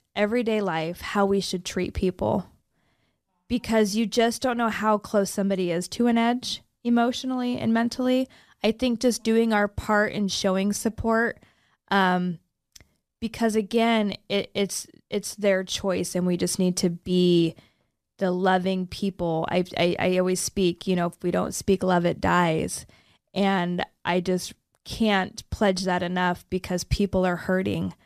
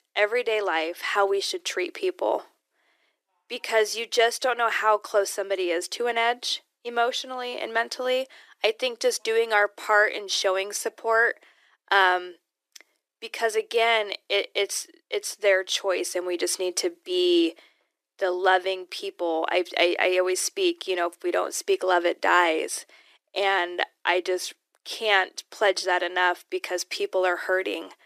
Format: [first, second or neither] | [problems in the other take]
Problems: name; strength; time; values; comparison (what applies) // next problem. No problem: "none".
first | thin; very; fading below 300 Hz